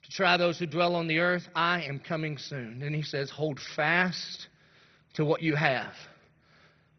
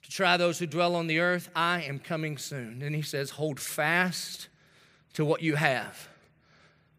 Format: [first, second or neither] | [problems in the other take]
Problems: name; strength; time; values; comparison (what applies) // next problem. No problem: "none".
second | garbled, watery; badly; nothing above 6 kHz